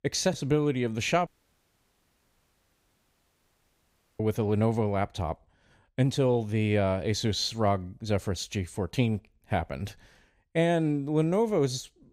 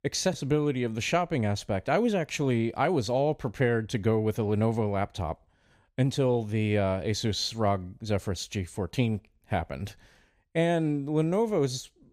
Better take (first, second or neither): second